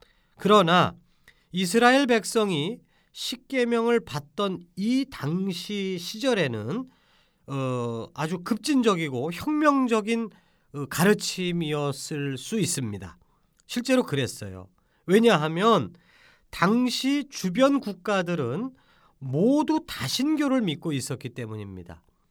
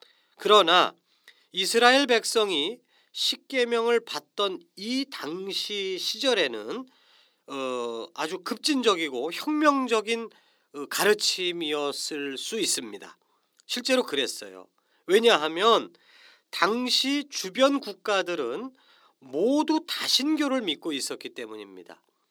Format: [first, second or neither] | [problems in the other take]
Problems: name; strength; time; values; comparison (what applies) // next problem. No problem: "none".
first | thin; very slightly; fading below 300 Hz